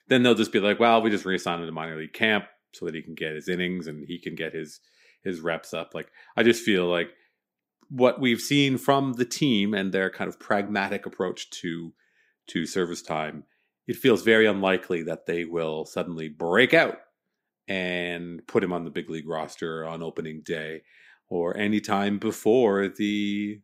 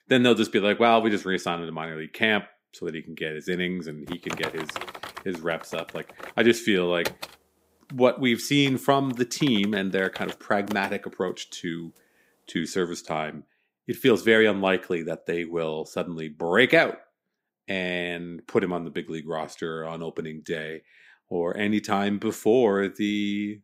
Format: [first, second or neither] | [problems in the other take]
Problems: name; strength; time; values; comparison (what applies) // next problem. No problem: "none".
first | keyboard typing; noticeable; from 4 to 11 s; peak 8 dB below the speech